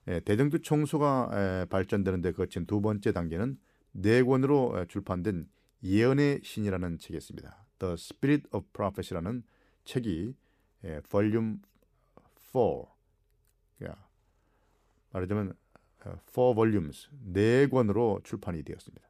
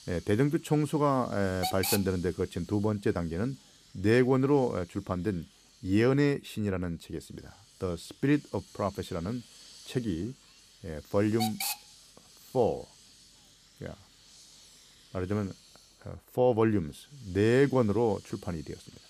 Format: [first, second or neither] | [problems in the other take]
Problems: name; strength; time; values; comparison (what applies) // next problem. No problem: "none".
first | hiss; noticeable; throughout; 10 dB below the speech